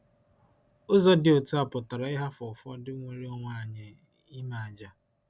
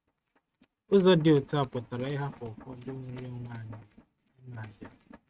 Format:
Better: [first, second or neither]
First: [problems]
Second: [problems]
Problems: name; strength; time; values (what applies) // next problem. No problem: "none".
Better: first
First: none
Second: noise reduction (neural mask model RNNoise)